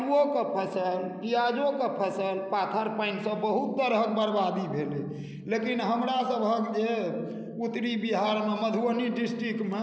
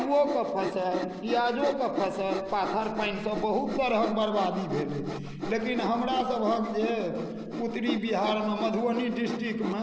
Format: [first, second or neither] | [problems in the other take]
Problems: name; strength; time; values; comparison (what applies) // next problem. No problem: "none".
first | background sound (Sawing); 9 dB below the speech